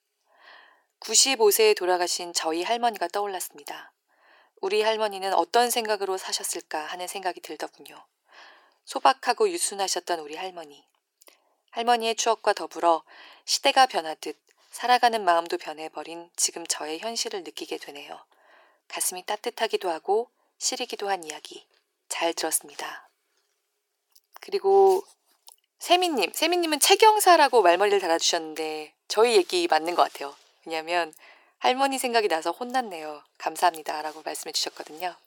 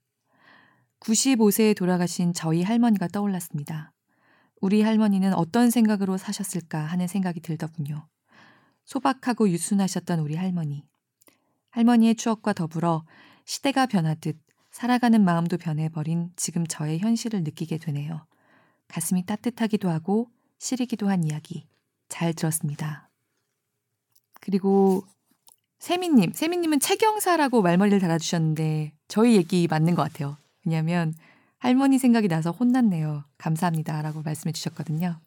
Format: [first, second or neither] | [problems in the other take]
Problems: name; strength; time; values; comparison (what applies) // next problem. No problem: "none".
second | thin; very; fading below 350 Hz